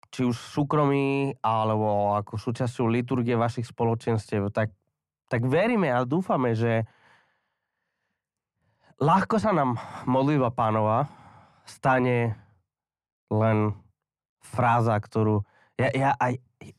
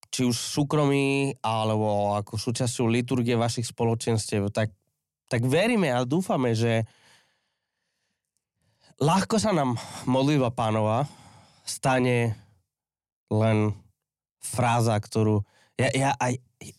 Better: second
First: muffled; very; fading above 3 kHz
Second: none

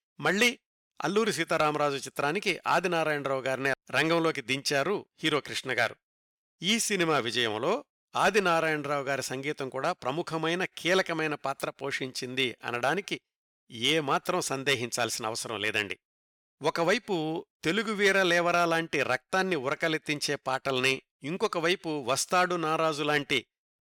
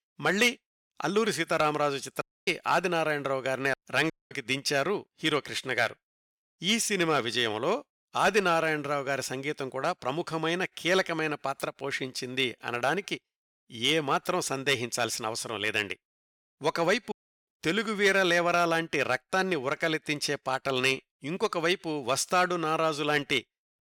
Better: first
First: none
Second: audio cutting out; at 2 s, at 4 s and at 17 s

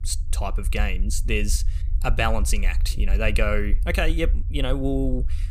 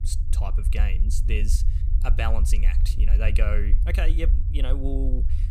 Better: first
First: low rumble; faint; throughout; 20 dB below the speech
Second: low rumble; loud; throughout; 10 dB below the speech

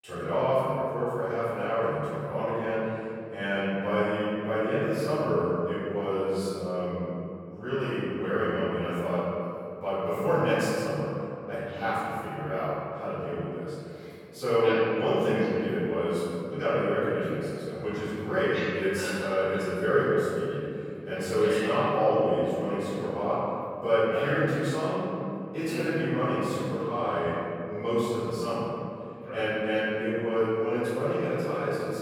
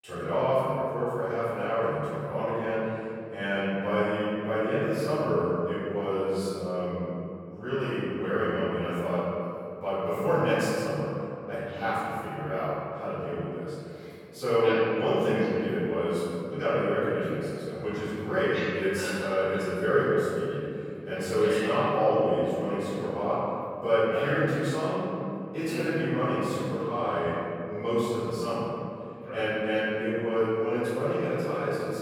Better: neither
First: off-mic speech; far // room echo; strong; dies away in 2.9 s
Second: off-mic speech; far // room echo; strong; dies away in 2.9 s

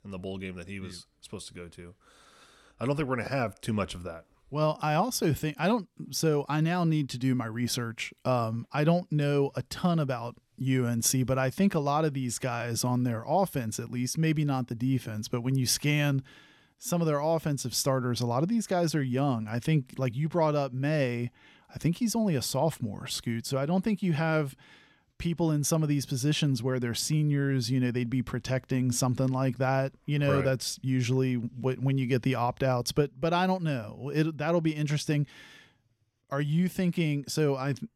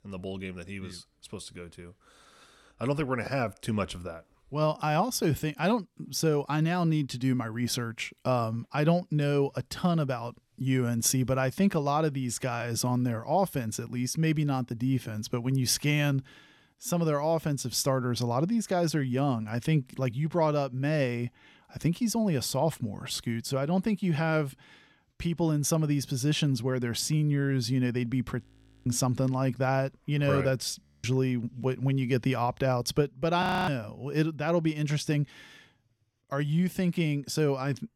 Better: first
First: none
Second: audio freezing; at 28 s, at 31 s and at 33 s

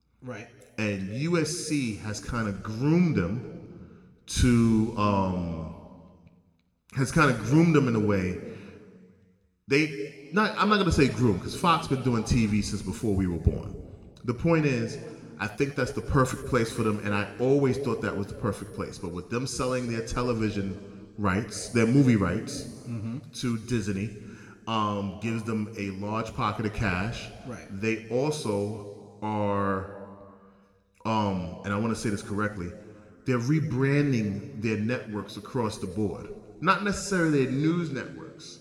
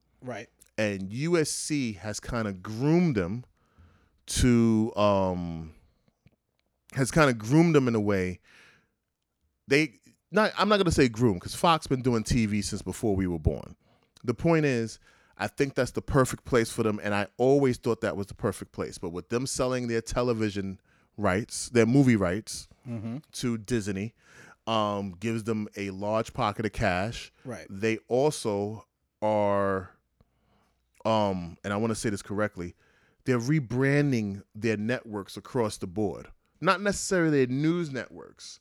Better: second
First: room echo; noticeable; dies away in 1.5 s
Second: none

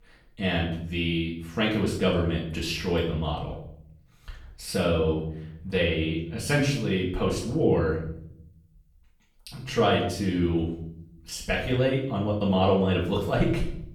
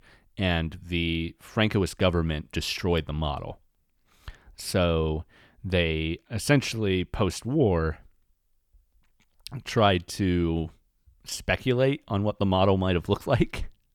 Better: second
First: off-mic speech; far // room echo; noticeable; dies away in 0.6 s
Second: none

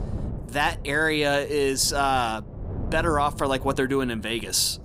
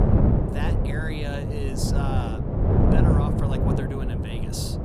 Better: first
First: wind noise on the microphone; occasional gusts; 20 dB below the speech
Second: wind noise on the microphone; heavy; 4 dB above the speech

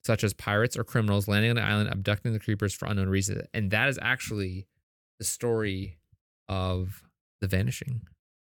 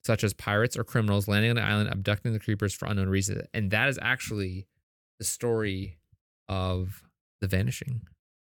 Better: neither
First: none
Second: none

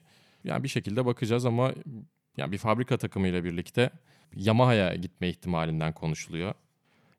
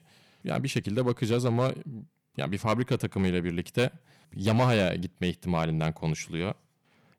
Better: first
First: none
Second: distortion; slight; 3% of the sound clipped

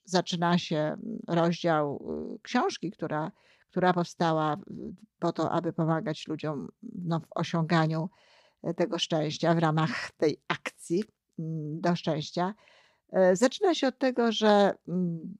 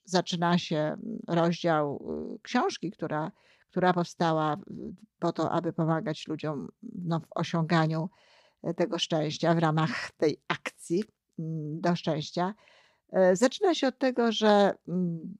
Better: neither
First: none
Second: none

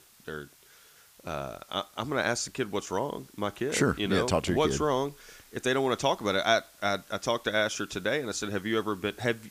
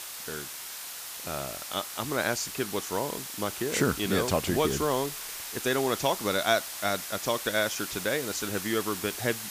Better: first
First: hiss; faint; throughout; 25 dB below the speech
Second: hiss; loud; throughout; 6 dB below the speech

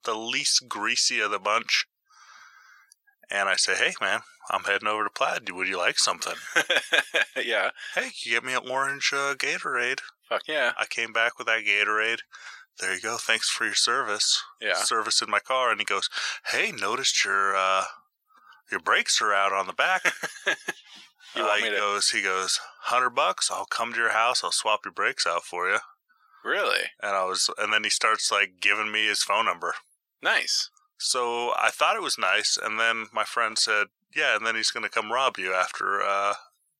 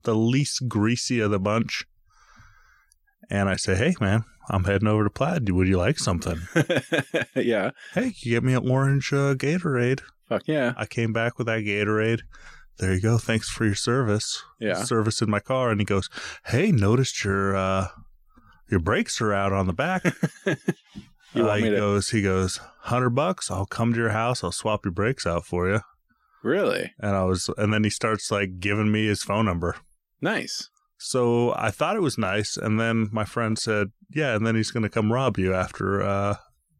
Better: second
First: thin; very; fading below 950 Hz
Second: none

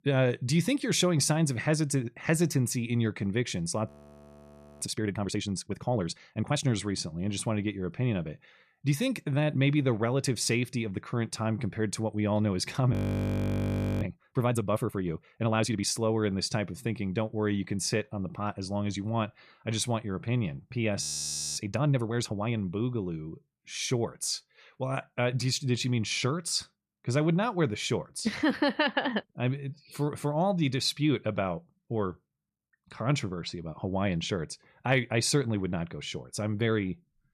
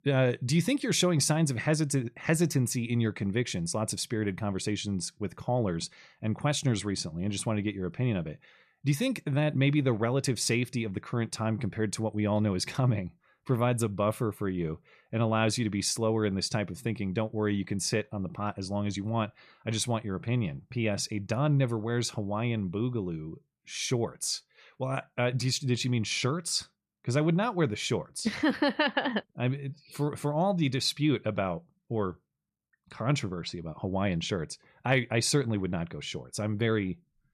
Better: second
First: audio freezing; at 4 s for 1 s, at 13 s for 1 s and at 21 s for 0.5 s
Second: none

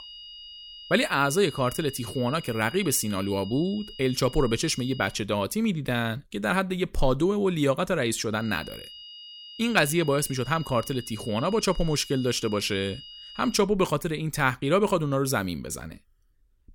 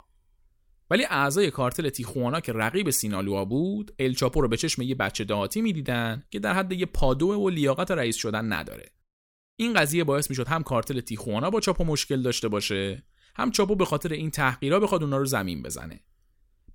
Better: second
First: high-pitched whine; noticeable; until 5 s and from 8.5 to 14 s; 3 kHz, 15 dB below the speech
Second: none

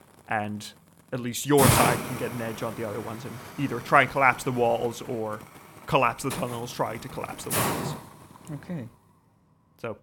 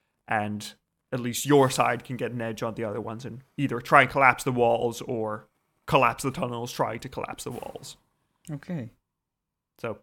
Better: second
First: hiss; loud; throughout; 2 dB below the speech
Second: hiss; faint; throughout; 30 dB below the speech

